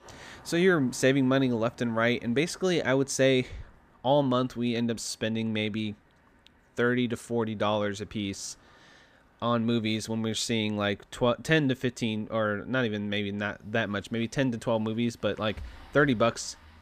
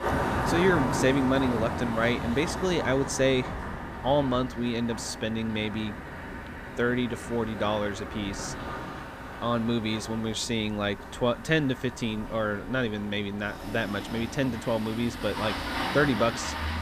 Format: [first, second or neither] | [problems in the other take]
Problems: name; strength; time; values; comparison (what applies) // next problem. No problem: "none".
first | traffic noise; loud; throughout; 6 dB below the speech; faint in the first